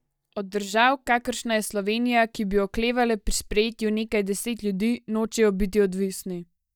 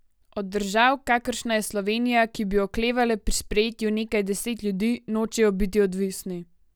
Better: second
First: noise reduction (neural mask model DeepFilterNet 3)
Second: none

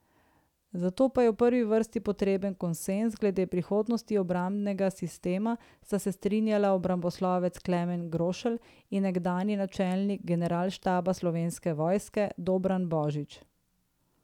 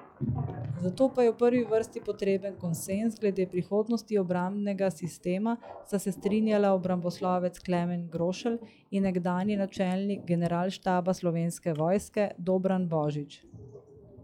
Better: first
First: none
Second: noise reduction (classical method log-MMSE)

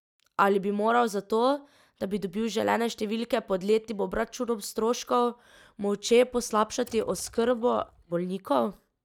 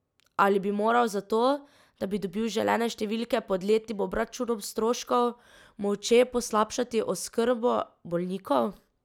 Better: second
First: noise reduction (neural mask model DeepFilterNet 3)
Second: none

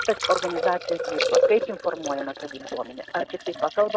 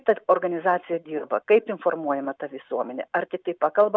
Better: second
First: noise reduction (neural mask model RNNoise)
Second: none

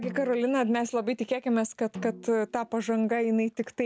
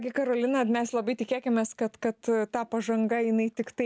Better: second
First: background sound (Snare drum); 18 dB below the speech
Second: none

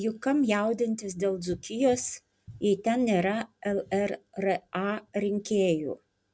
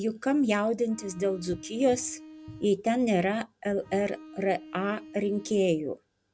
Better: first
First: none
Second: background sound (Bowed string instrument); 19 dB below the speech

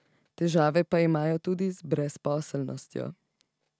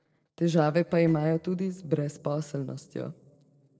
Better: first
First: none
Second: noise reduction (neural separator model SepFormer DNS4)

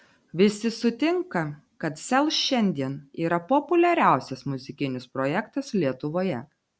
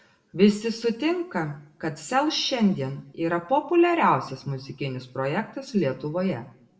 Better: first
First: none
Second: room echo; dies away in 0.5 s

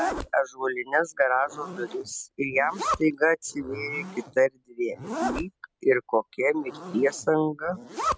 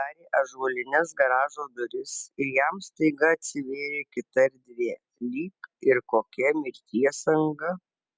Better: second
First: background sound (Zipper (clothing)); 9 dB below the speech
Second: none

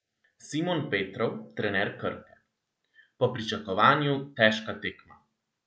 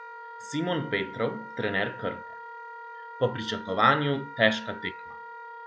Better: first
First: none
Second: background sound (Wind instrument, woodwind instrument); 12 dB below the speech

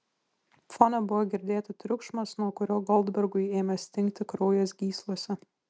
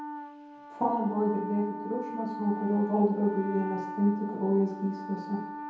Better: first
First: none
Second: background sound (Wind instrument, woodwind instrument); 10 dB below the speech // room echo; dies away in 1.9 s

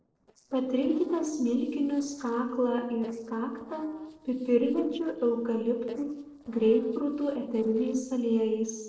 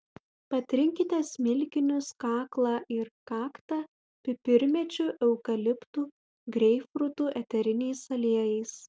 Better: second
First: noise reduction (neural separator model SepFormer DNS4)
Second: none

